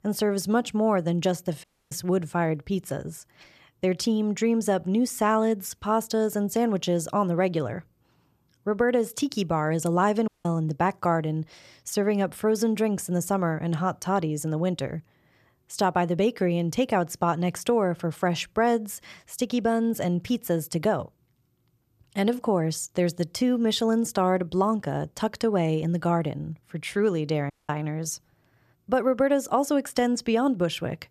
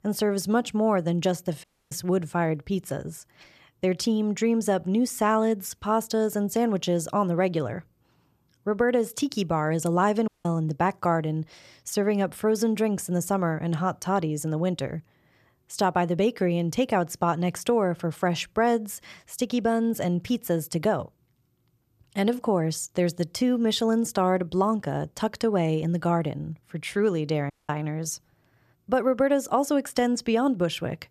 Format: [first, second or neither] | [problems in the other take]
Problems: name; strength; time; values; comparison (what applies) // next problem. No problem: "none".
neither | audio cutting out; at 1.5 s, at 10 s and at 28 s; the same in both